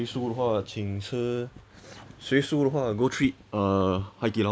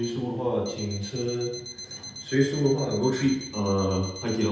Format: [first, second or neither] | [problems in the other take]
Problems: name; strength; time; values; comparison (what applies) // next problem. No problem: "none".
first | background sound (Alarm); 14 dB below the speech // room echo; dies away in 0.8 s